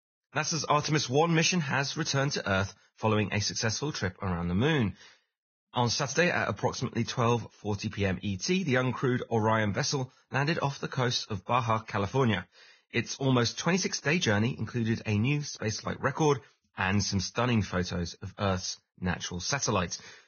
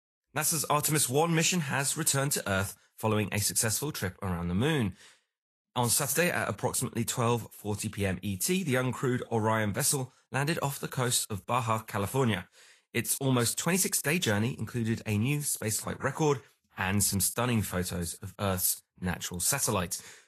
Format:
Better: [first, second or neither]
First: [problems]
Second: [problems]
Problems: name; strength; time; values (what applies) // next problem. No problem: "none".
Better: second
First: garbled, watery; badly; nothing above 6.5 kHz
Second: garbled, watery; slightly; nothing above 12.5 kHz